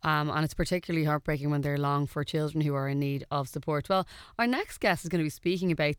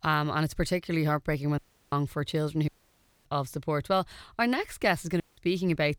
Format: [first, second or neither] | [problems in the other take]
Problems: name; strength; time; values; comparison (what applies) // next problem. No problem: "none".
first | audio cutting out; at 1.5 s, at 2.5 s for 0.5 s and at 5 s